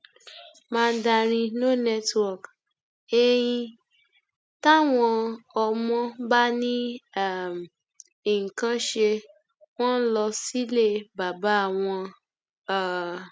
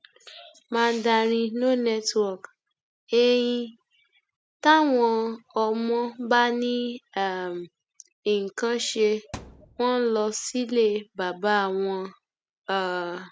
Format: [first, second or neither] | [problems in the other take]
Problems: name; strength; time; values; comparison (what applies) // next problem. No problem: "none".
first | background sound (Thump, thud); 19 dB below the speech